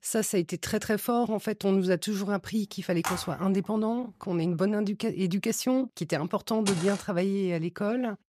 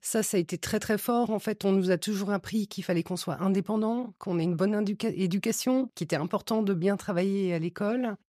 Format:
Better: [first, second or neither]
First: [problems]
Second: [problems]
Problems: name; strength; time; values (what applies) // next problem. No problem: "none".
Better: second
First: phone ringing; noticeable; at 3 s; peak 5 dB below the speech // footsteps; noticeable; at 6.5 s; peak 5 dB below the speech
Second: none